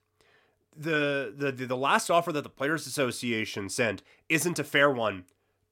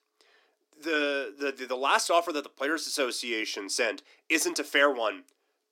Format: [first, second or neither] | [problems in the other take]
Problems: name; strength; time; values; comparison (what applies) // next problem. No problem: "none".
first | thin; very slightly; fading below 300 Hz